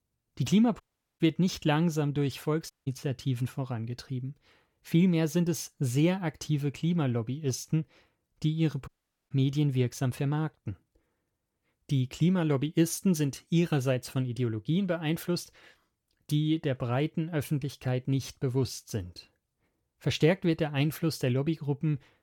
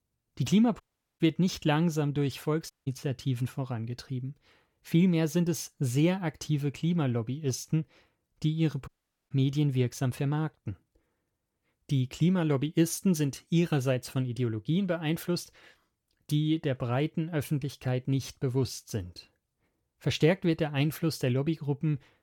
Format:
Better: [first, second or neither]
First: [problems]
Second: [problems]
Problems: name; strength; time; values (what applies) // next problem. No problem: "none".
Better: neither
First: audio cutting out; at 1 s, at 2.5 s and at 9 s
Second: audio cutting out; at 1 s, at 2.5 s and at 9 s